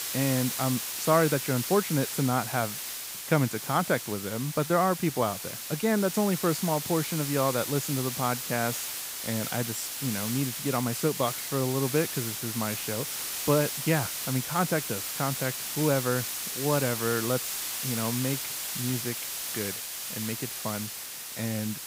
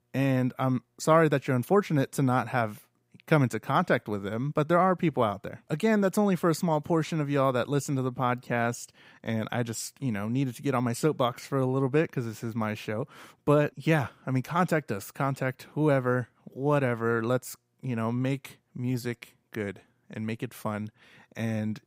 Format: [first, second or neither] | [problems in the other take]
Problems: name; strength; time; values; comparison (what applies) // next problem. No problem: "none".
second | hiss; loud; throughout; 3 dB below the speech